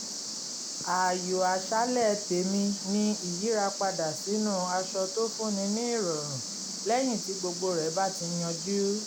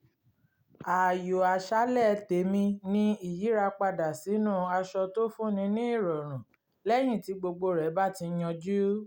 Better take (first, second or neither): second